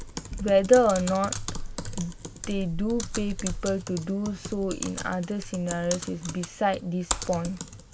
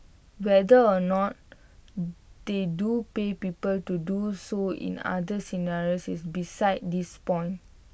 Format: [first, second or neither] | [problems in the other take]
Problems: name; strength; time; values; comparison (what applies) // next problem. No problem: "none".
second | background sound (Typing); 8 dB below the speech